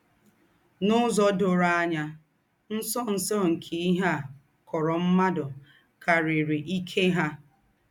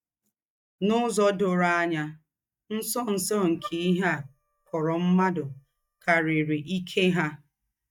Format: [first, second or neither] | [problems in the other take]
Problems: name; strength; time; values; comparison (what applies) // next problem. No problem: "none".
first | noise reduction (neural mask model DeepFilterNet 3)